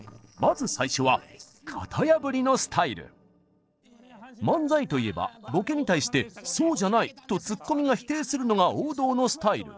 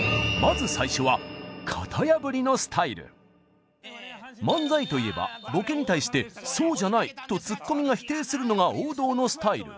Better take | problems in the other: second | noise reduction (neural separator model SepFormer DNS4)

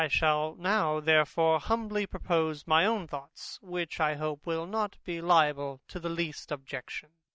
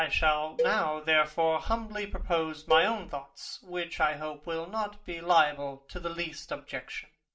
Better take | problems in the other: first | background sound (Cowbell); 7 dB below the speech // room echo; dies away in 0.3 s

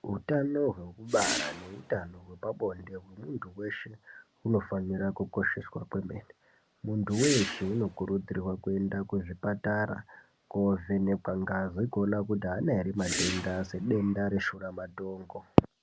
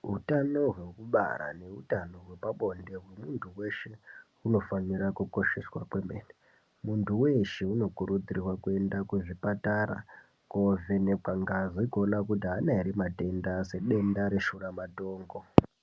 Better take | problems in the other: second | background sound (Whoosh, swoosh, swish); 6 dB below the speech

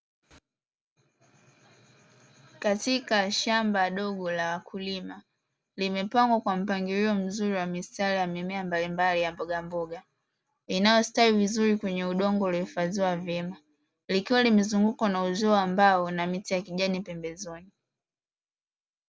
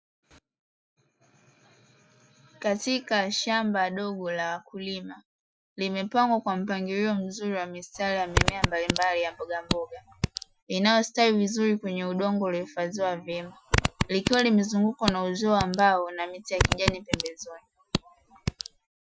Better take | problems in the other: first | noise reduction (classical method Wiener filter)

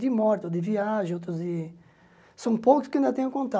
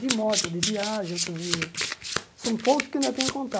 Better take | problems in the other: first | background sound (Domestic sounds, home sounds); 3 dB below the speech

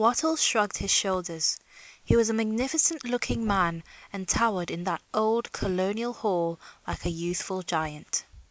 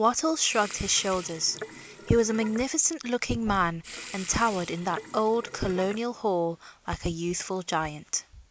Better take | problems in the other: first | background sound (Sink (filling or washing) / Water tap, faucet); 14 dB below the speech

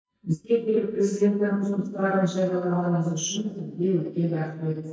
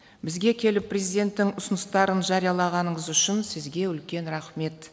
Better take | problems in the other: second | noise reduction (neural mask model DeepFilterNet 3)

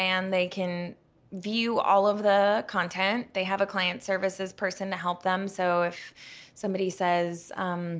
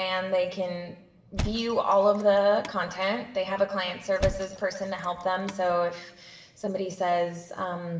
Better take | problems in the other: first | background sound (Thump, thud); 10 dB below the speech // room echo; dies away in 0.8 s

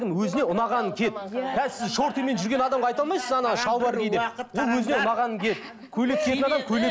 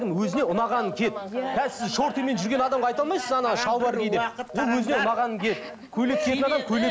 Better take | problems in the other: first | background sound (Telephone); 18 dB below the speech

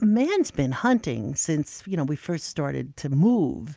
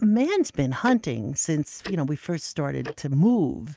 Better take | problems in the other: first | noise reduction (neural mask model RNNoise)

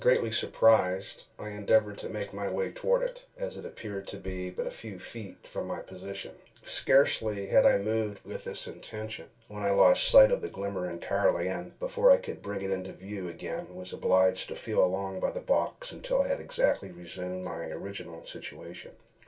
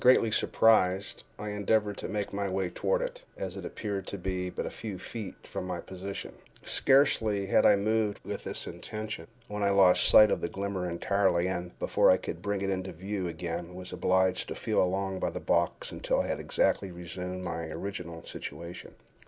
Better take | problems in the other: second | room echo; dies away in 0.2 s

